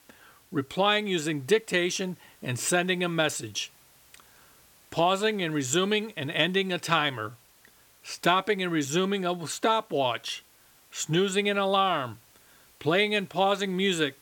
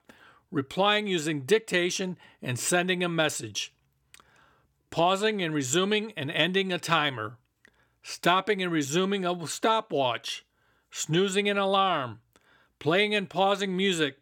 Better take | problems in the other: second | hiss; faint; throughout; 30 dB below the speech

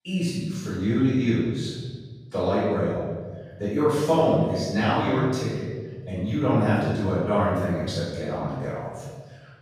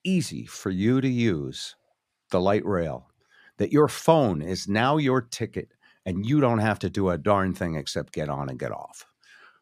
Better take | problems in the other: second | room echo; strong; dies away in 1.5 s // off-mic speech; far

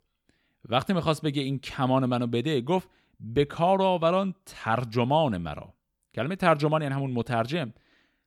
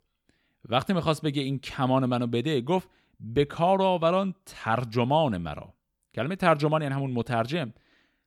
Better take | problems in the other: neither | none

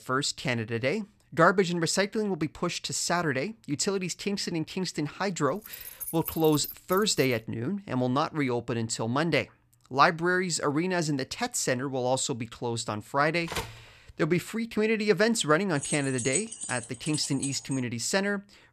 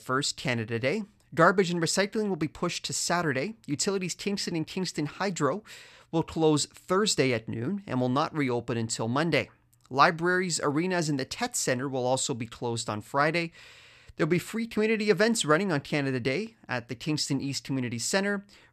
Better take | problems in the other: second | jangling keys; noticeable; from 5.5 to 7.5 s and from 16 to 18 s; peak 3 dB below the speech // phone ringing; noticeable; at 13 s; peak 7 dB below the speech

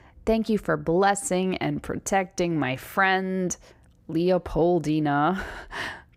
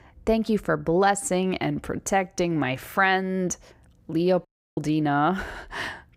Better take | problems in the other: first | audio cutting out; at 4.5 s

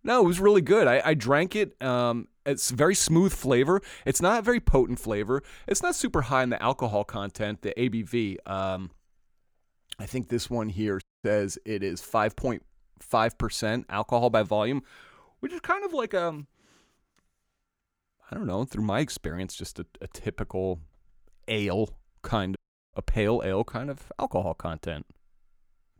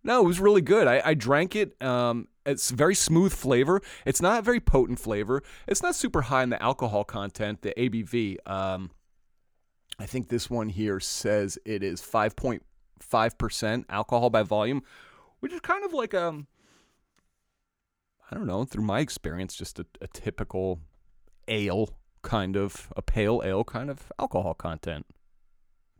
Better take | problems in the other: second | audio cutting out; at 11 s and at 23 s

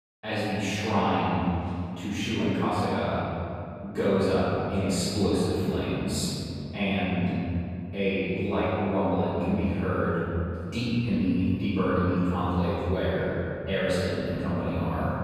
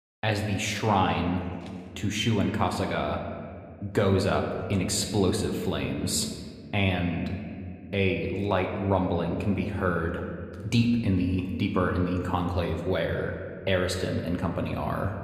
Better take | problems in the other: second | room echo; strong; dies away in 2.6 s; slight in the second // off-mic speech; far

